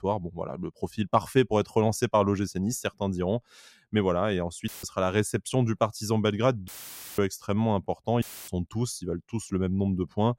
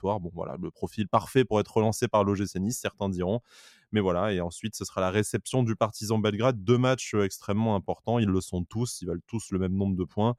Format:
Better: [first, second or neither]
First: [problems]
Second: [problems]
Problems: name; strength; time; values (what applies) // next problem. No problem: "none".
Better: second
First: audio cutting out; filled with static; at 4.5 s, at 6.5 s for 0.5 s and at 8 s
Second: none